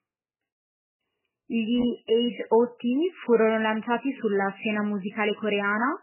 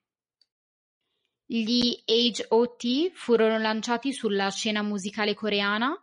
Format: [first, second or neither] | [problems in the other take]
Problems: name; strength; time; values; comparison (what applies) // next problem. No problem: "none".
second | garbled, watery; badly; nothing above 3 kHz; slightly in the second